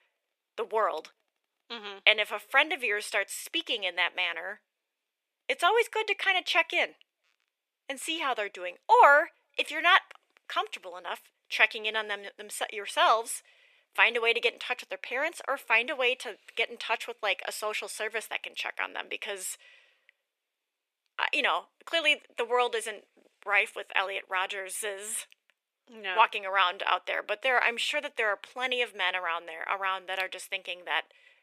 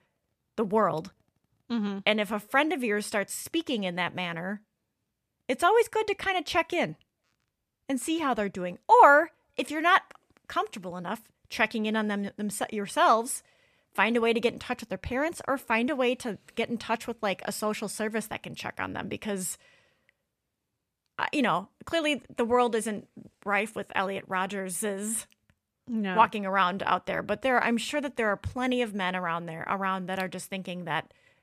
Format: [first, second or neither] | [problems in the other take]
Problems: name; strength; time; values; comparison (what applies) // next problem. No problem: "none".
second | thin; very; fading below 400 Hz